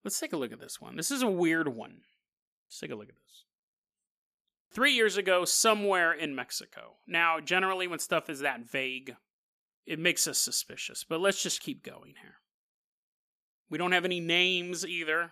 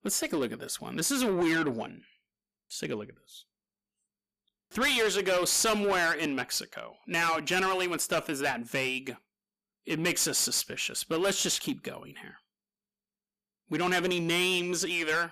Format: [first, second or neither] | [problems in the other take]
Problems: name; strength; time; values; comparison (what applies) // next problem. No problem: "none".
first | distortion; heavy; 7 dB below the speech